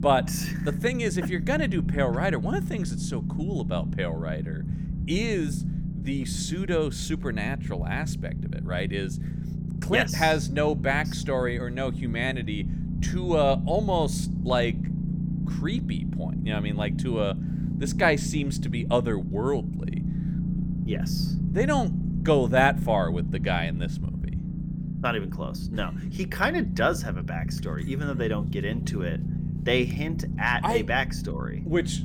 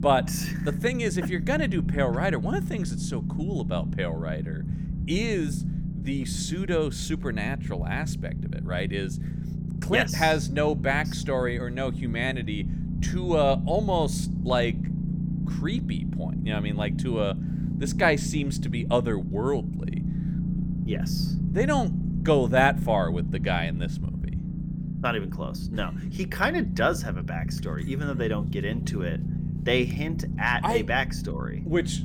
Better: neither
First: low rumble; noticeable; throughout; 10 dB below the speech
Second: low rumble; noticeable; throughout; 10 dB below the speech

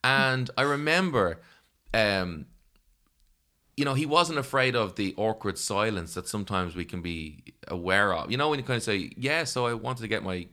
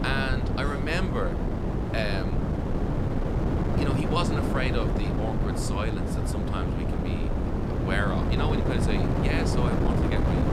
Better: first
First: none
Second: wind noise on the microphone; heavy; 1 dB below the speech

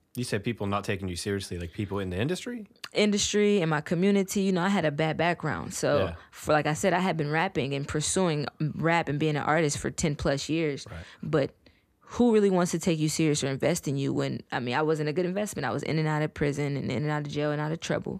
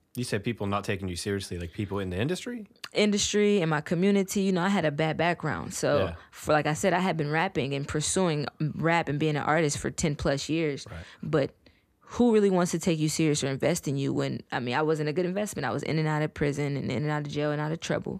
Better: neither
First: none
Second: none

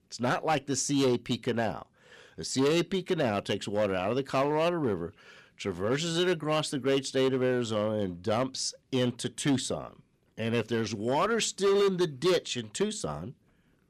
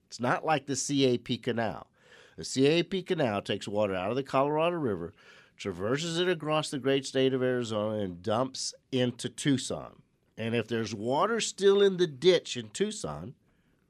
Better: second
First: distortion; slight; 6% of the sound clipped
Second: none

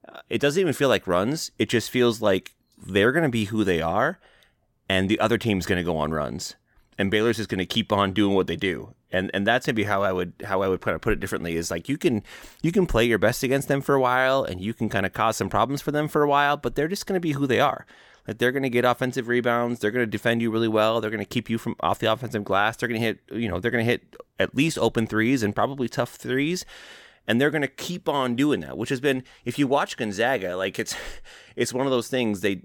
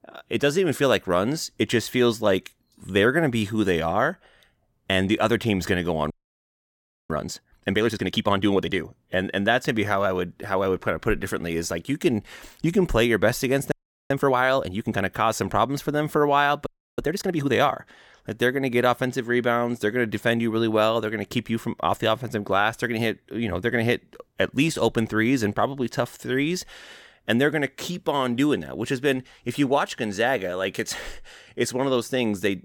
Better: first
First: none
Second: audio freezing; at 6 s for 1 s, at 14 s and at 17 s

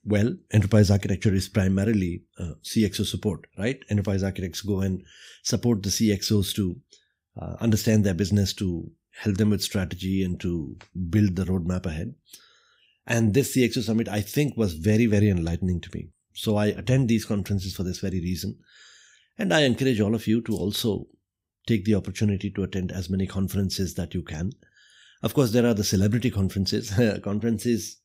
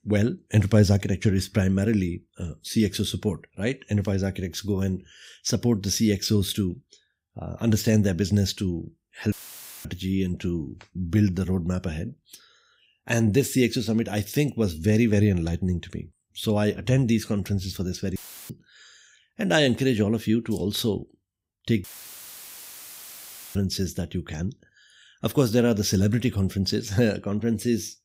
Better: first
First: none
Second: audio cutting out; filled with static; at 9.5 s for 0.5 s, at 18 s and at 22 s for 1.5 s

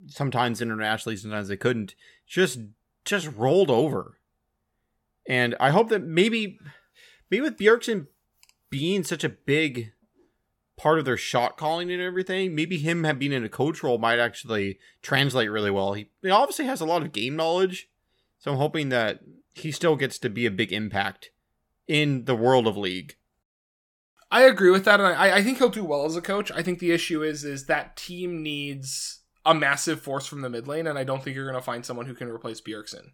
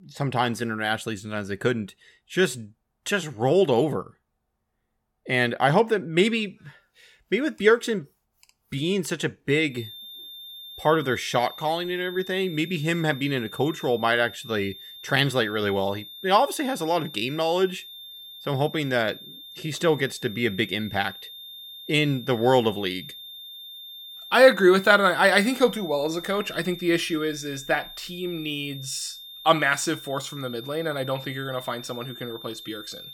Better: first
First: none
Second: high-pitched whine; noticeable; from 10 s on; 3.5 kHz, 15 dB below the speech

